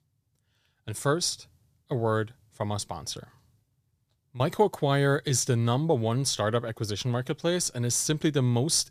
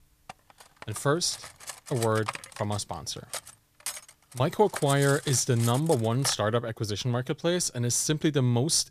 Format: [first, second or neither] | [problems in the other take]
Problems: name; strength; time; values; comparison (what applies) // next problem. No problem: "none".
first | clattering dishes; noticeable; until 6.5 s; peak 7 dB below the speech